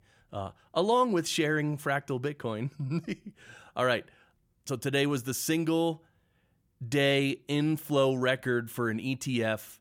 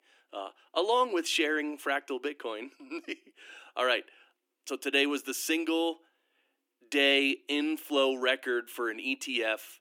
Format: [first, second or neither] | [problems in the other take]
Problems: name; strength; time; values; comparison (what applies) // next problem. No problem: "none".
first | thin; very slightly; fading below 250 Hz